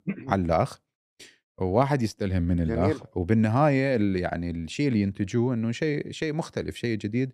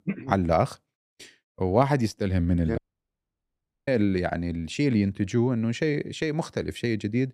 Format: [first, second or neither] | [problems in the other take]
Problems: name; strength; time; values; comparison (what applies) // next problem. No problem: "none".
first | audio cutting out; at 3 s for 1 s